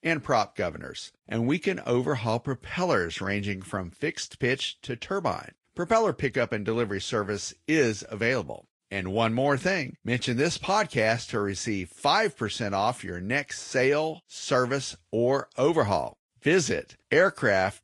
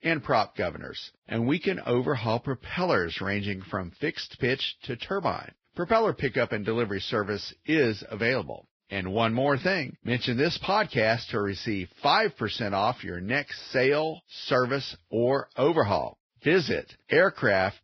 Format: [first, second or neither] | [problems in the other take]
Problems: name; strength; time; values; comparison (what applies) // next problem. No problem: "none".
first | garbled, watery; badly; nothing above 5.5 kHz; slightly in the first